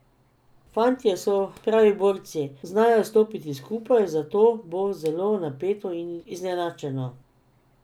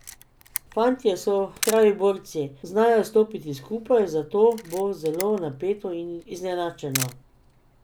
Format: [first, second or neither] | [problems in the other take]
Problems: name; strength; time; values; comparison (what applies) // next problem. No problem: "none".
first | background sound (Camera); 15 dB below the speech